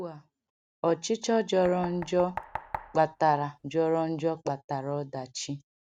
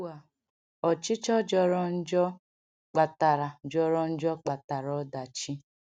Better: second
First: background sound (Knock); 14 dB below the speech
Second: none

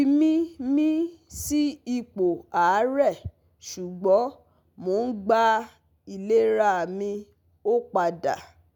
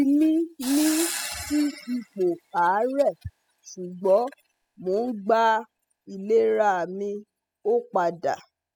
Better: first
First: none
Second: noise reduction (classical method spectral subtraction)

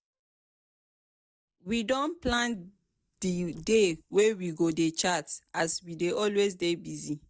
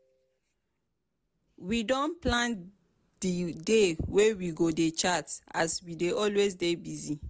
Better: second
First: noise reduction (neural mask model DeepFilterNet 3)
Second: none

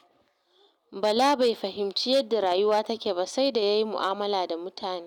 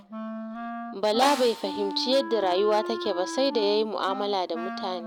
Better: first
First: none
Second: background sound (Wind instrument, woodwind instrument + Snare drum); 8 dB below the speech

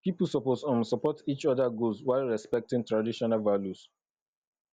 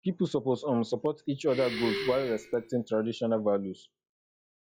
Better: first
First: none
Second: noise reduction (classical method log-MMSE)

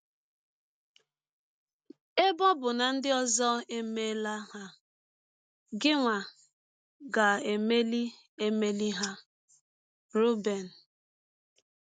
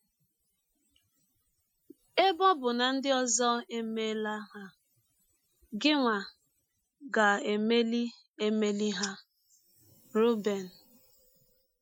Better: first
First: none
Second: noise reduction (classical method Wiener filter)

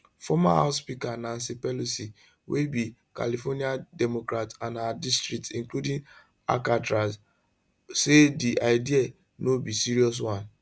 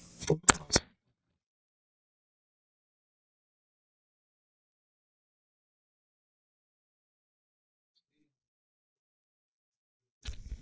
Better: first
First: none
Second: noise reduction (neural mask model DeepFilterNet 3)

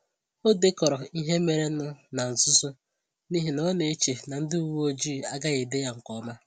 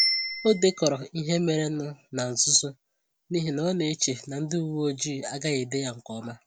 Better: first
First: none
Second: background sound (Bicycle bell); 9 dB below the speech

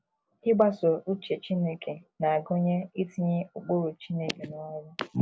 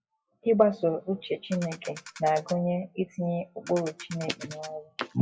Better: first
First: none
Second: noise reduction (classical method WPE with log-MMSE)

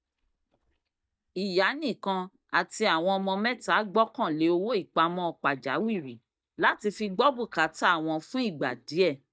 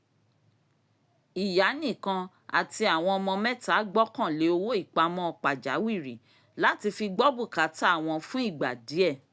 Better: second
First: noise reduction (neural mask model DeepFilterNet 3)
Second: none

